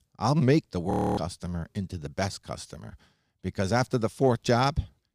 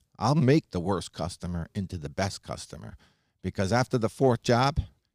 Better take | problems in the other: second | audio freezing; at 1 s

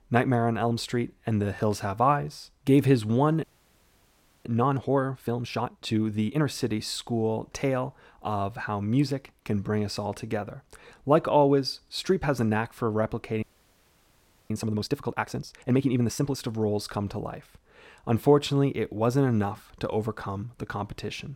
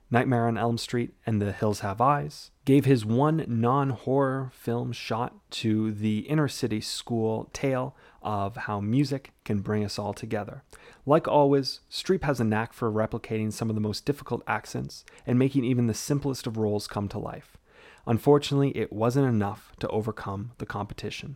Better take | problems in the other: second | audio freezing; at 3.5 s for 1 s and at 13 s for 1 s

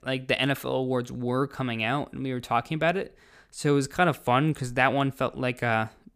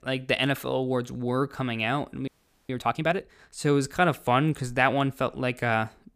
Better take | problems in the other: first | audio freezing; at 2.5 s

